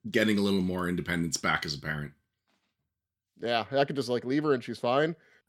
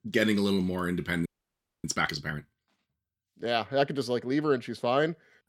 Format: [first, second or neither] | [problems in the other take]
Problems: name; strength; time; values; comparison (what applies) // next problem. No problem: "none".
first | audio freezing; at 1.5 s for 0.5 s